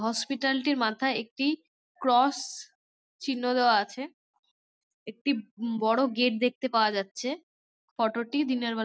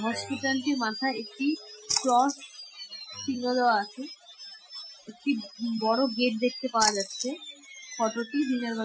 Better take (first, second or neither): first